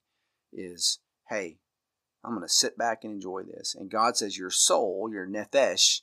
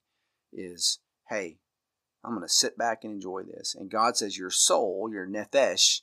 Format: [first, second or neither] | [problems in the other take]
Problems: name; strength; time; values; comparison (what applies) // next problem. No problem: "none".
neither | thin; very slightly; fading below 550 Hz; the same in both